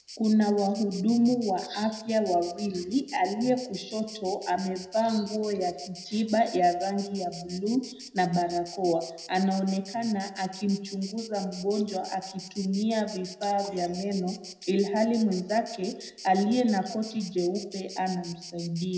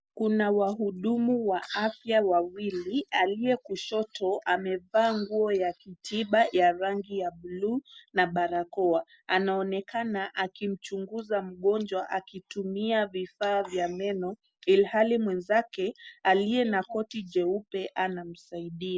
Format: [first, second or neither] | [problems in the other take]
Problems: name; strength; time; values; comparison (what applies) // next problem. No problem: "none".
second | background sound (Insect); 17 dB below the speech // room echo; dies away in 0.7 s